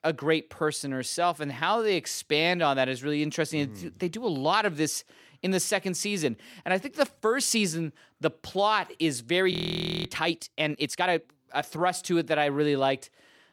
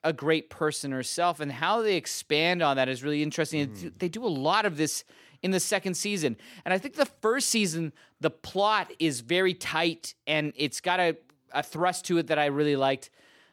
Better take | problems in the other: second | audio freezing; at 9.5 s for 0.5 s

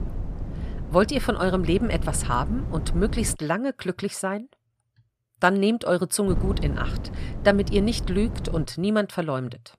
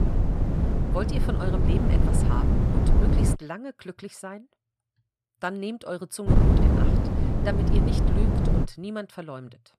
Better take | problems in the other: first | wind noise on the microphone; heavy; until 3.5 s and from 6.5 to 8.5 s; 3 dB above the speech; occasional gusts in the first

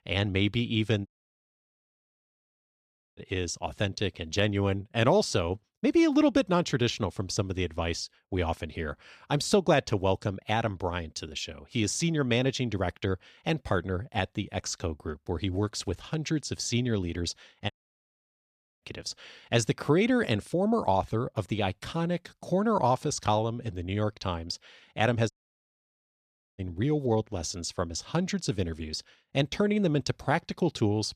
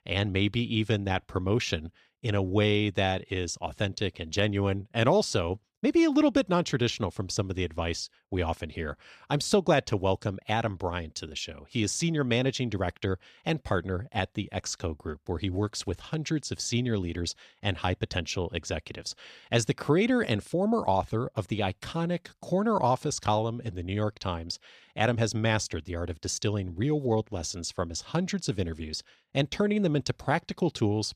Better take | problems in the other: second | audio cutting out; at 1 s for 2 s, at 18 s for 1 s and at 25 s for 1.5 s

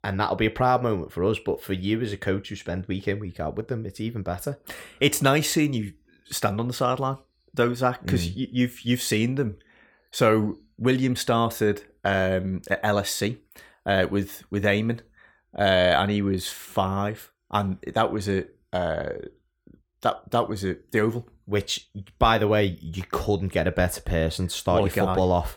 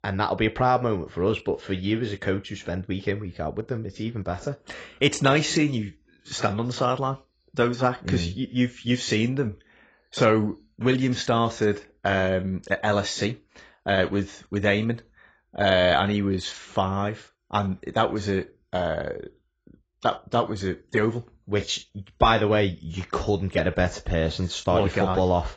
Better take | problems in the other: first | garbled, watery; badly; nothing above 7.5 kHz

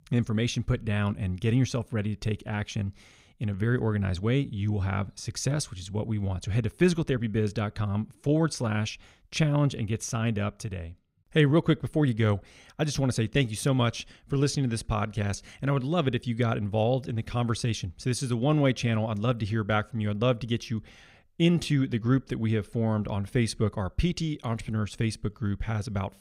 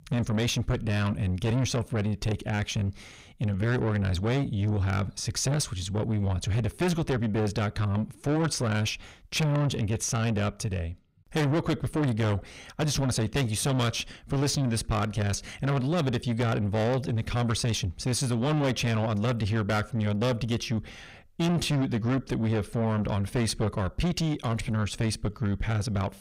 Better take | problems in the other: first | distortion; heavy; 6 dB below the speech

